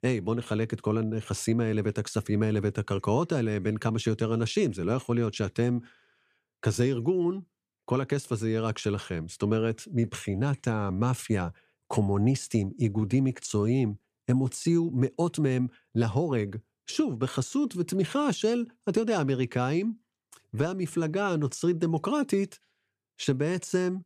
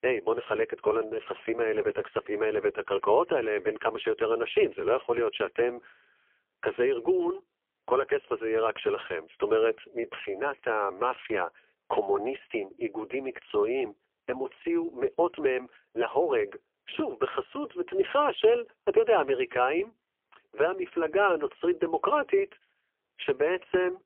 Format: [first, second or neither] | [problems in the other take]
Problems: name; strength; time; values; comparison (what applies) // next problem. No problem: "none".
first | phone-call audio; poor line; nothing above 3.5 kHz